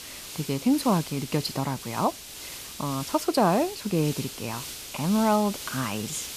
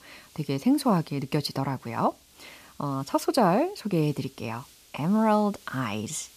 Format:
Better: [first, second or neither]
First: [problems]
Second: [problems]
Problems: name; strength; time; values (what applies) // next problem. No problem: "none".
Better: second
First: hiss; loud; throughout; 10 dB below the speech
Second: hiss; faint; throughout; 25 dB below the speech